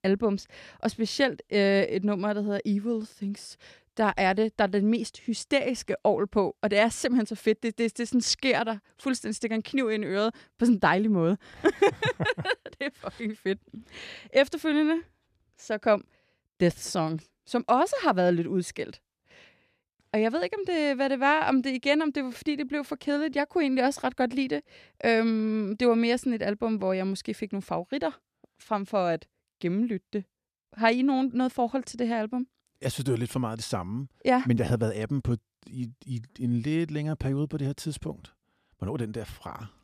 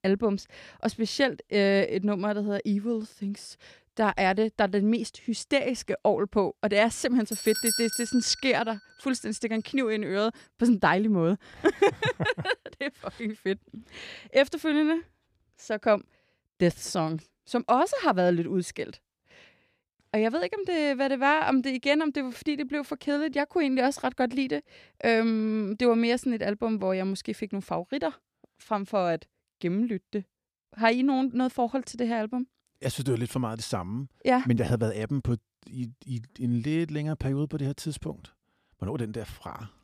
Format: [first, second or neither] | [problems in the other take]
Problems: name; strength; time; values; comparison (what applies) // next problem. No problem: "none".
first | doorbell; loud; at 7.5 s; peak 1 dB above the speech